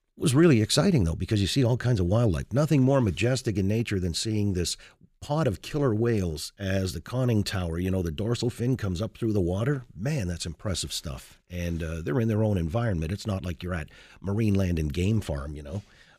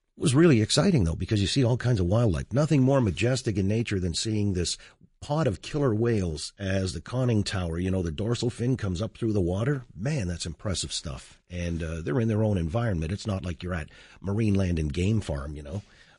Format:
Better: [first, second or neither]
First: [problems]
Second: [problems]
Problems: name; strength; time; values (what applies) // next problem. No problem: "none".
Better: first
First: none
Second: garbled, watery; slightly; nothing above 10.5 kHz